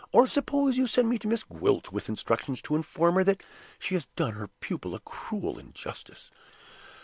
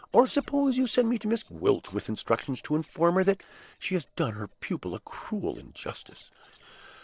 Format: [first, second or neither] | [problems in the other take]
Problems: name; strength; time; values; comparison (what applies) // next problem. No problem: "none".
first | noise reduction (neural separator model SepFormer DNS4)